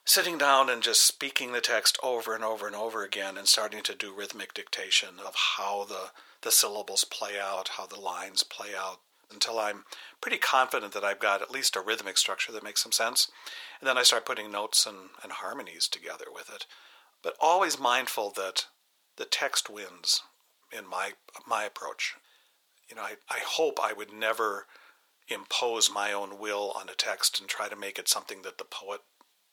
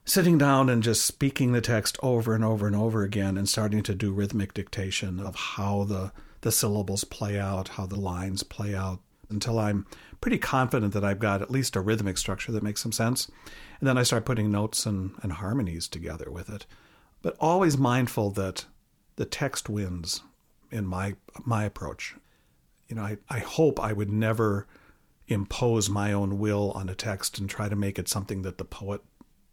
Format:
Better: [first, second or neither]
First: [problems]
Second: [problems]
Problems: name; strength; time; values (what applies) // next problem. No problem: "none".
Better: second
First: thin; very; fading below 600 Hz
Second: none